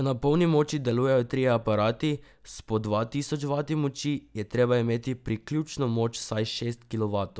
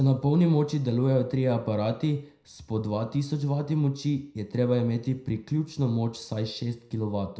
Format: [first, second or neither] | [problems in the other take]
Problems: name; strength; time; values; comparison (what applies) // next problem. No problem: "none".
first | room echo; dies away in 0.5 s